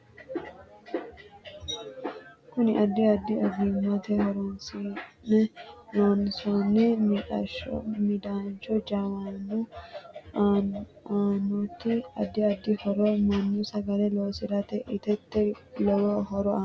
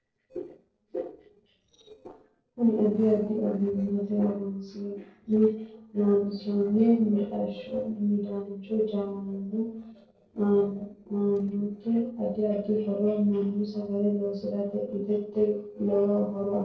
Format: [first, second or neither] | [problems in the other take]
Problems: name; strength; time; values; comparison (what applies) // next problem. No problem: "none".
first | noise reduction (neural separator model SepFormer DNS4)